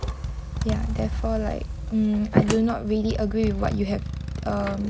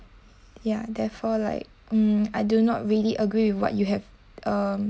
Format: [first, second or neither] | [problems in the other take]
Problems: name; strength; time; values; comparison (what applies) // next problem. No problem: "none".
second | background sound (Slam + Motorcycle); 2 dB below the speech